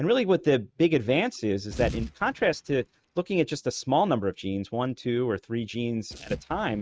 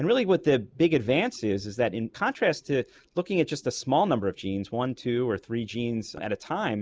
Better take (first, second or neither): second